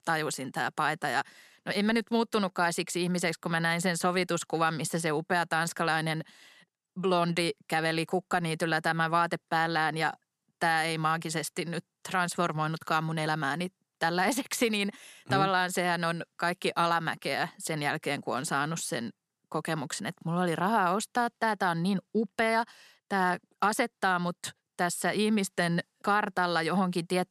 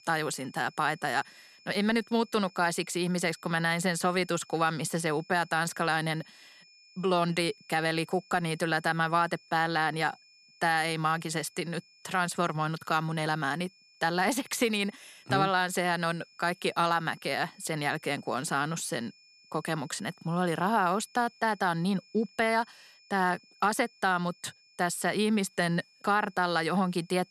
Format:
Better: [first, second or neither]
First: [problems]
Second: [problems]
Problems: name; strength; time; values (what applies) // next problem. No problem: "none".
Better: first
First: none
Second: high-pitched whine; faint; throughout; 5 kHz, 25 dB below the speech